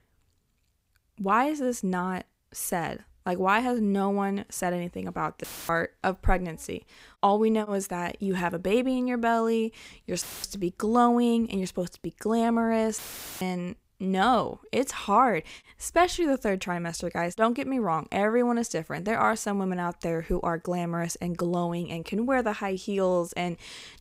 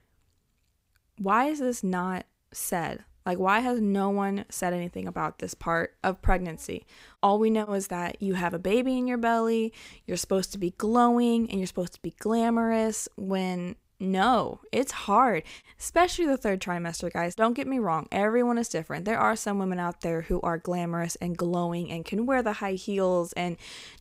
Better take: second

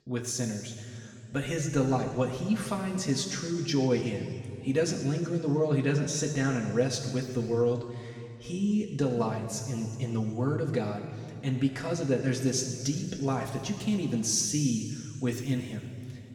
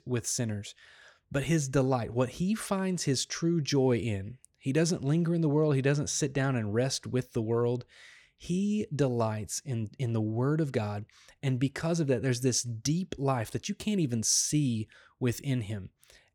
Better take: second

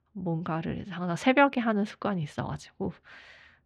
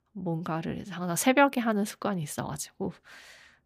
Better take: second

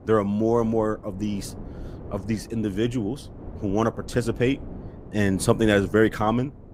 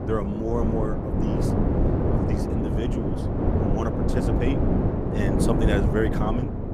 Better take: first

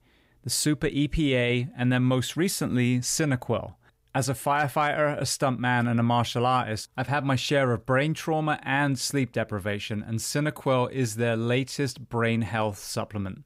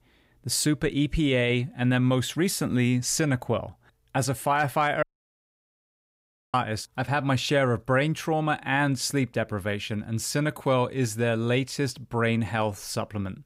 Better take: first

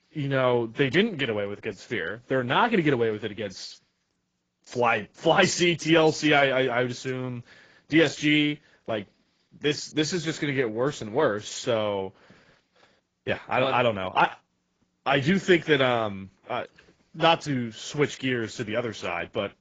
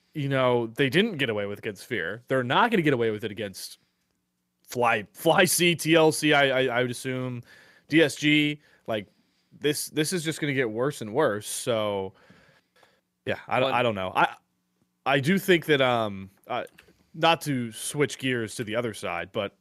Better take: second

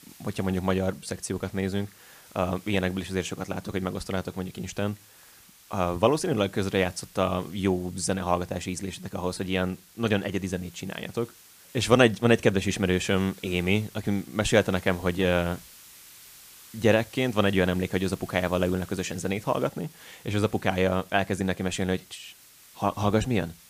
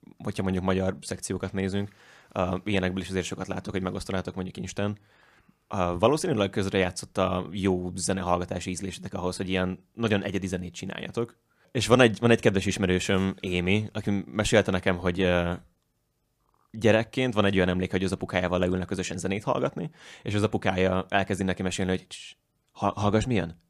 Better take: second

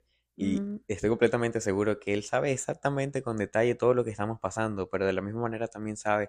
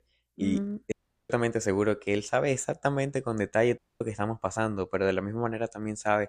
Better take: first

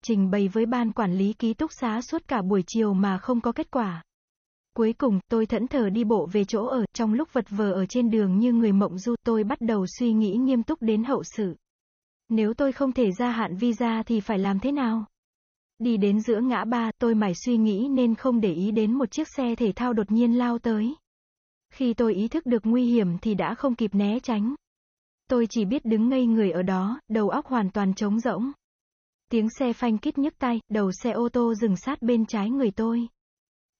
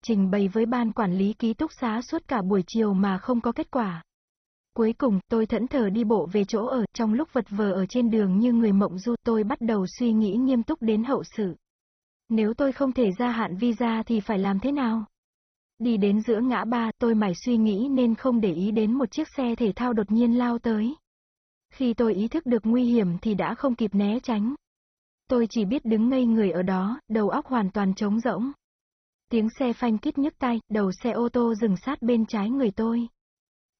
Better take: first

